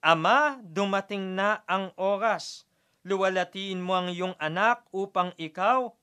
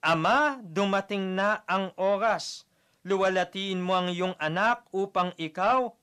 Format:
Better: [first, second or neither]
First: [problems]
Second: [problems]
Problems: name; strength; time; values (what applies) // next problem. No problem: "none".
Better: first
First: none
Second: distortion; slight; 10 dB below the speech